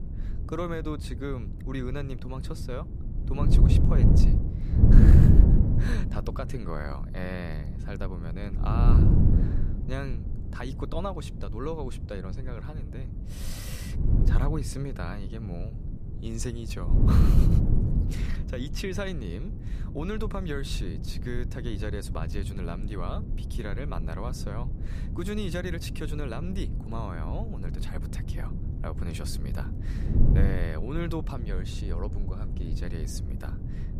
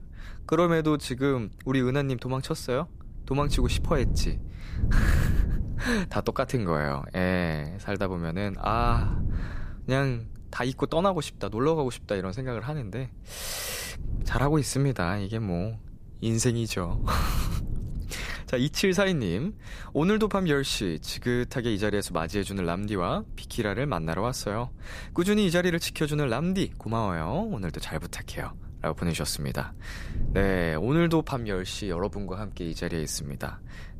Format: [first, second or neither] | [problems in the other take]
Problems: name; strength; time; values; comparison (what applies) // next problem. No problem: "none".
second | wind noise on the microphone; heavy; 2 dB below the speech; occasional gusts in the second